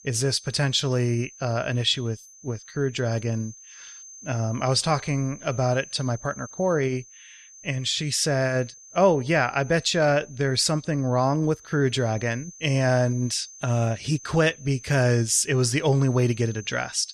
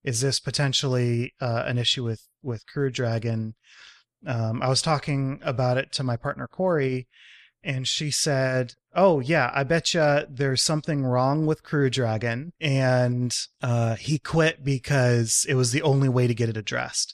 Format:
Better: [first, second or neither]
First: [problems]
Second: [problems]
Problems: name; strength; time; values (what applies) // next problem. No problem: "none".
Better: second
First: high-pitched whine; noticeable; throughout; 6.5 kHz, 20 dB below the speech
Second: none